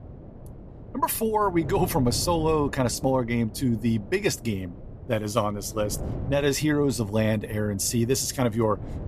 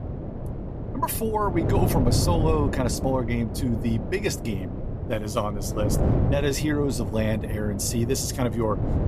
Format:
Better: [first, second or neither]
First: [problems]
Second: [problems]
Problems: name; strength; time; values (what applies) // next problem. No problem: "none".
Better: first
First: wind noise on the microphone; occasional gusts; 20 dB below the speech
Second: wind noise on the microphone; heavy; 7 dB below the speech